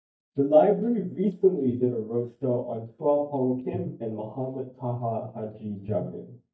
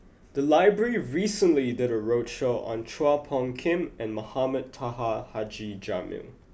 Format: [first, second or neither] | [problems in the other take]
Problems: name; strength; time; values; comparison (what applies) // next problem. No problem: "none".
second | noise reduction (neural mask model DeepFilterNet 3)